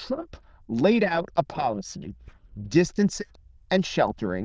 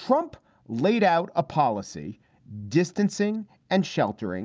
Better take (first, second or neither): second